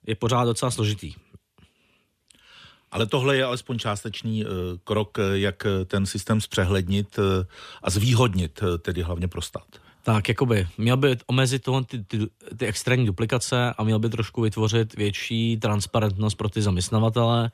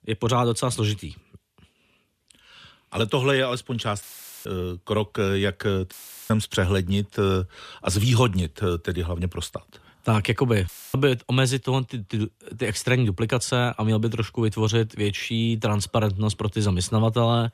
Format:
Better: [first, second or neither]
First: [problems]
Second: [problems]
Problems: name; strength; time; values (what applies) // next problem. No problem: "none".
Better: first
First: none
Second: audio cutting out; filled with static; at 4 s, at 6 s and at 11 s